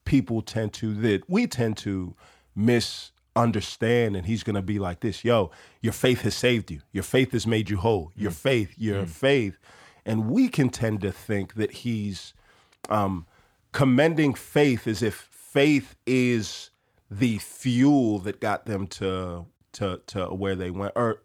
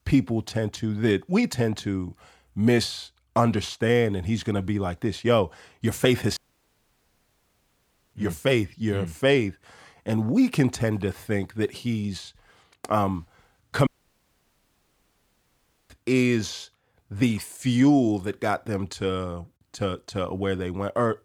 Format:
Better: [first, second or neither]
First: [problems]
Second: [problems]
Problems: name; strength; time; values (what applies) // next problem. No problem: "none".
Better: first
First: none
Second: audio cutting out; at 6.5 s for 2 s and at 14 s for 2 s